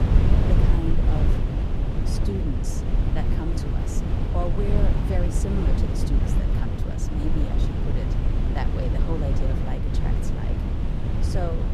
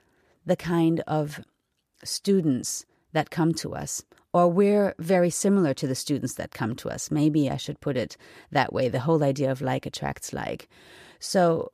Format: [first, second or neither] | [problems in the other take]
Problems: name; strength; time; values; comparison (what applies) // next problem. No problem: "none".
second | wind noise on the microphone; heavy; 2 dB above the speech